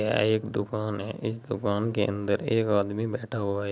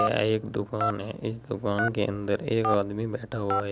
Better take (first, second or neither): first